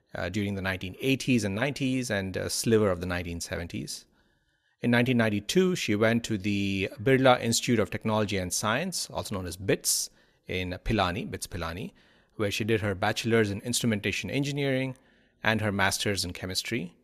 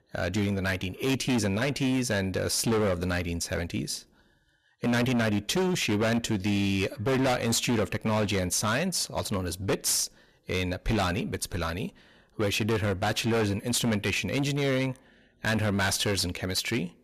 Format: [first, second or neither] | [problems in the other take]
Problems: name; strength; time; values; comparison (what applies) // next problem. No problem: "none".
first | distortion; heavy; 15% of the sound clipped